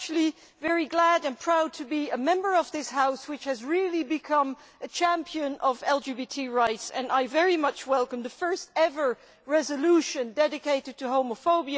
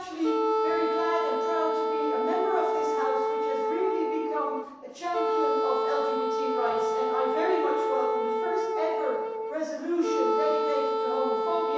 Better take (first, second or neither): first